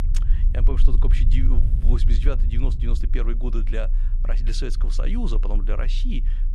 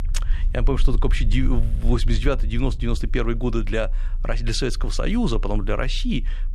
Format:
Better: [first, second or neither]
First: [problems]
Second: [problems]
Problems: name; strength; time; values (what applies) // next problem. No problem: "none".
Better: second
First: low rumble; loud; throughout; 9 dB below the speech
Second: low rumble; faint; throughout; 20 dB below the speech